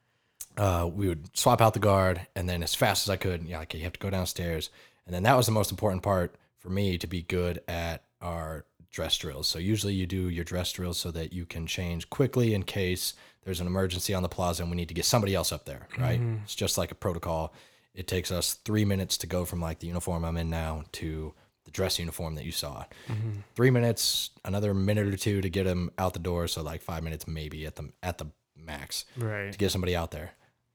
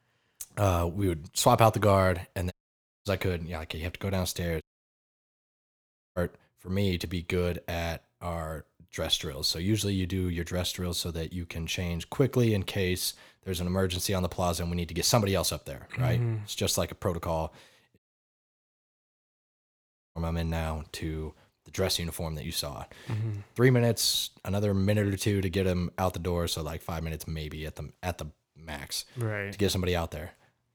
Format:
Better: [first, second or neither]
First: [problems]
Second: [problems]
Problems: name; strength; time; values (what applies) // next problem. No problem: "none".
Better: first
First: none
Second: audio cutting out; at 2.5 s for 0.5 s, at 4.5 s for 1.5 s and at 18 s for 2 s